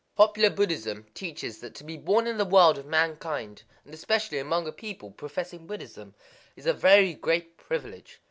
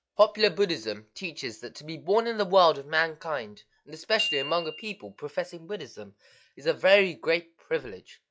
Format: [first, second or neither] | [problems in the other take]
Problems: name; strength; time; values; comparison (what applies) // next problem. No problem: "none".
first | noise reduction (classical method log-MMSE)